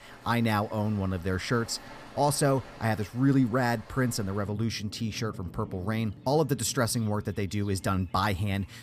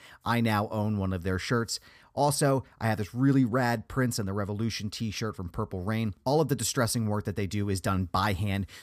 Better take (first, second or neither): second